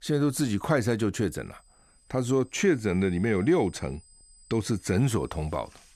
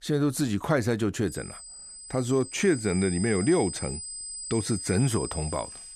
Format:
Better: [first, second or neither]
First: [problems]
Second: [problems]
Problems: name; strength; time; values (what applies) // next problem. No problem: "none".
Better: first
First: high-pitched whine; faint; from 1.5 s on; 8 kHz, 30 dB below the speech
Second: high-pitched whine; loud; from 1.5 s on; 8 kHz, 9 dB below the speech